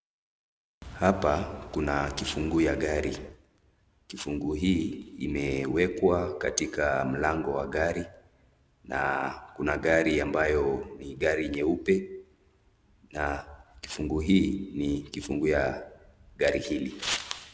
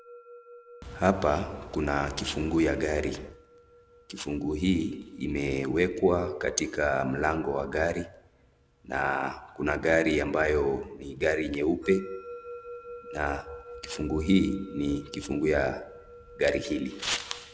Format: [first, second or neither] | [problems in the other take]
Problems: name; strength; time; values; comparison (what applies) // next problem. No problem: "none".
first | background sound (Musical instrument); 20 dB below the speech